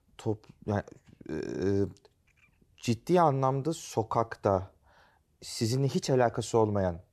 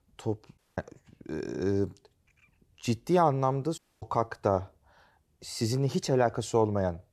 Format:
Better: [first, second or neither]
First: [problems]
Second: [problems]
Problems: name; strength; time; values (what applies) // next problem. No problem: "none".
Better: first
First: none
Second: audio cutting out; at 0.5 s and at 4 s